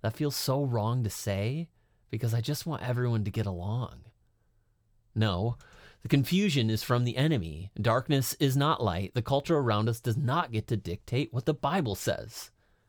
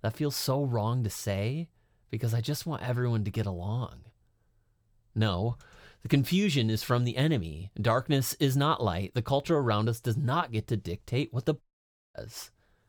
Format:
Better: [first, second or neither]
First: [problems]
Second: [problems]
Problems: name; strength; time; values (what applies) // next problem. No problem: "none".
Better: first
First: none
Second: audio cutting out; at 12 s for 0.5 s